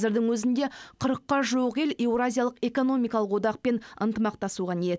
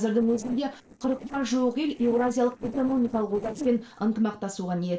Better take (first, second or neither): first